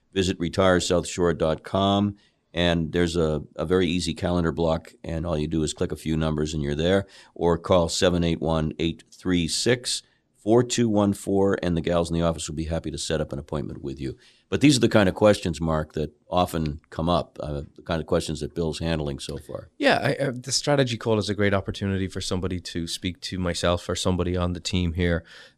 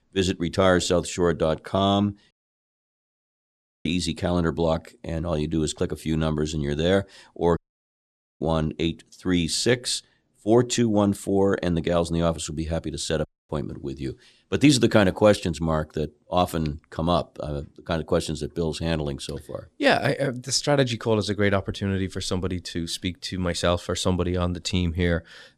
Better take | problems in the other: first | audio cutting out; at 2.5 s for 1.5 s, at 7.5 s for 1 s and at 13 s

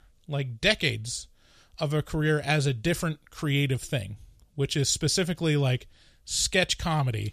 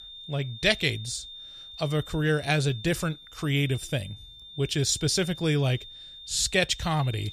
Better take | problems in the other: first | high-pitched whine; noticeable; throughout; 3.5 kHz, 15 dB below the speech

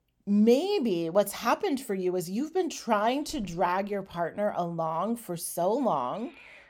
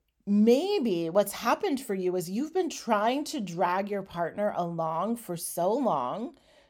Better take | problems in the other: second | animal sounds; faint; throughout; 25 dB below the speech

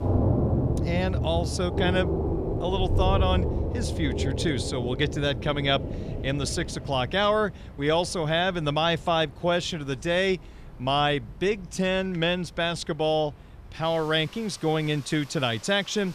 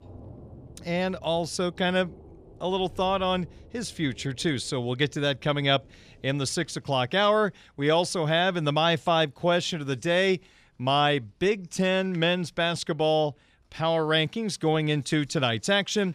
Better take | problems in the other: second | rain or running water; loud; throughout; 2 dB below the speech; faint in the second

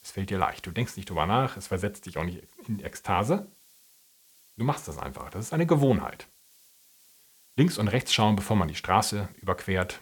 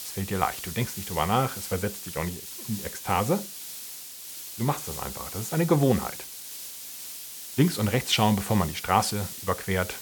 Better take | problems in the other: first | hiss; loud; throughout; 9 dB below the speech; faint in the first

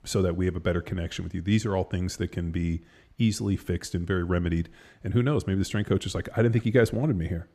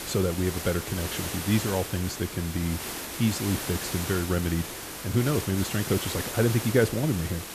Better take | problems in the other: first | hiss; loud; throughout; 6 dB below the speech

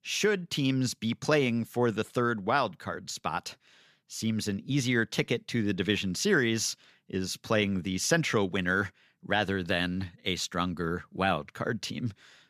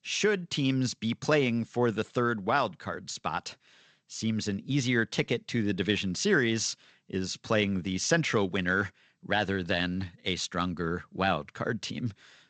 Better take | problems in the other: first | garbled, watery; slightly; nothing above 7.5 kHz

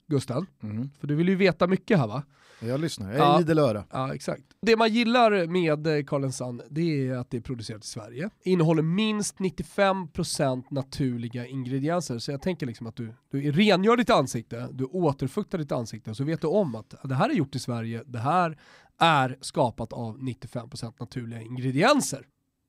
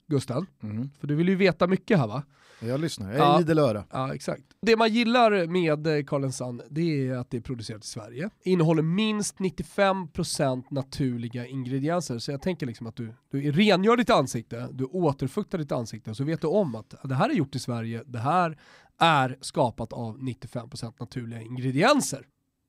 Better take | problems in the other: neither | none

